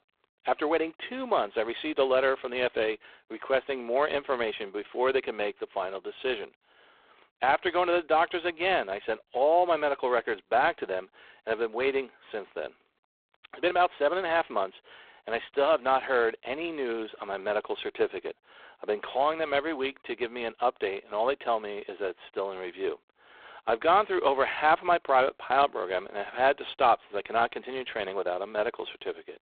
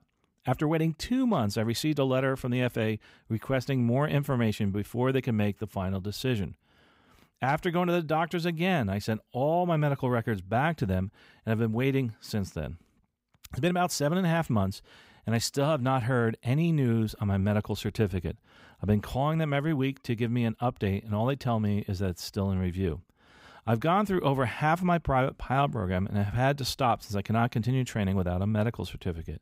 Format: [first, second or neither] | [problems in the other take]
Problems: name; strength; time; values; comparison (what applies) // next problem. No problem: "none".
second | phone-call audio; poor line; nothing above 3.5 kHz